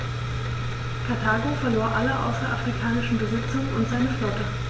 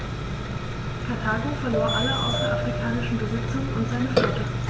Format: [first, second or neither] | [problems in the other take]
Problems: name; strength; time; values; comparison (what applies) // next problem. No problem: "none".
first | background sound (Burping, eructation); 1 dB below the speech